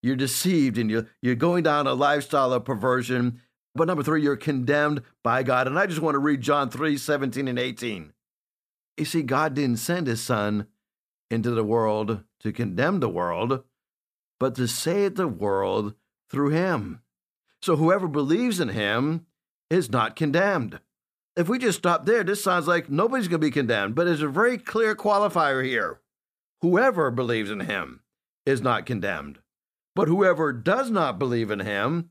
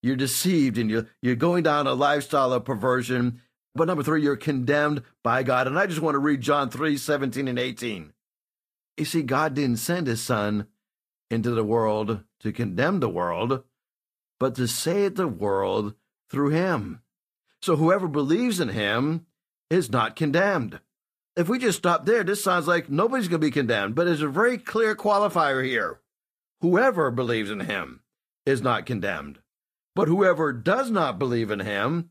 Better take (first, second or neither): first